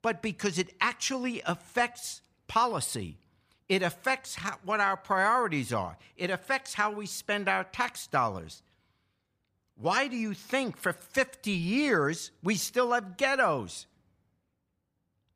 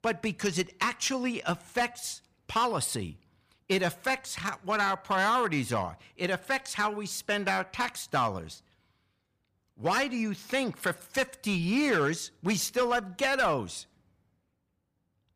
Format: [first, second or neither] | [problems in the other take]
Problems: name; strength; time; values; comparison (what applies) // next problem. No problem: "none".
first | distortion; slight; 4% of the sound clipped